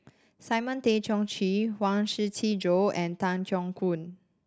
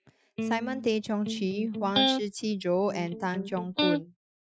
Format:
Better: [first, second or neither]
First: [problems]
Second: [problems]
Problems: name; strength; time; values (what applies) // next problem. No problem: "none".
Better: first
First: none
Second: noise reduction (classical method Wiener filter)